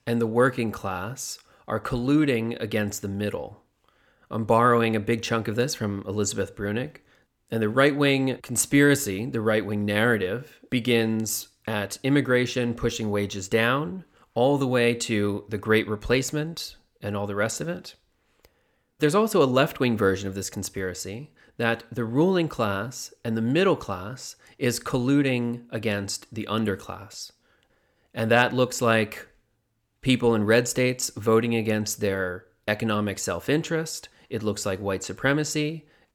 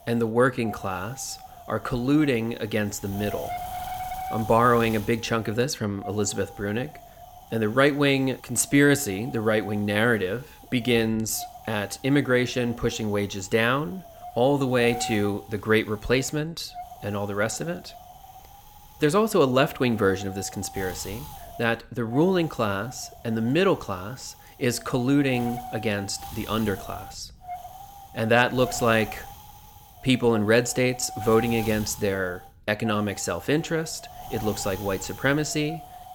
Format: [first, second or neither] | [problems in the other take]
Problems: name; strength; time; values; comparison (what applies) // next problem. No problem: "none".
first | wind noise on the microphone; occasional gusts; 15 dB below the speech